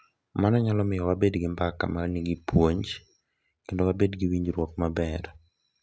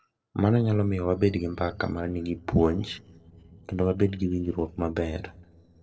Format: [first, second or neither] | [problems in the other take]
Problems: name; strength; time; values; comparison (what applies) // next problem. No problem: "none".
first | noise reduction (neural separator model SepFormer DNS4)